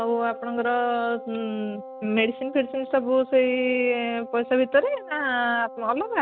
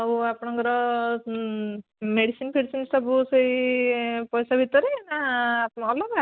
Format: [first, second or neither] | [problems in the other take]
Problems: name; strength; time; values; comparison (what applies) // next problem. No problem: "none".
second | background sound (Wind instrument, woodwind instrument); 15 dB below the speech